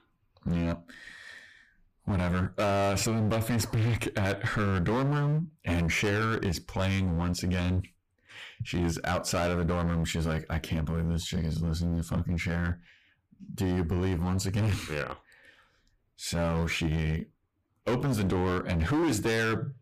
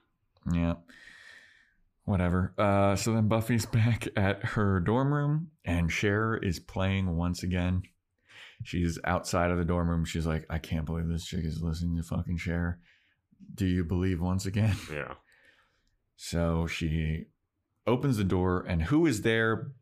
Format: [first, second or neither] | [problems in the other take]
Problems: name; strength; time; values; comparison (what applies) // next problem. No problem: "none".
second | distortion; heavy; 18% of the sound clipped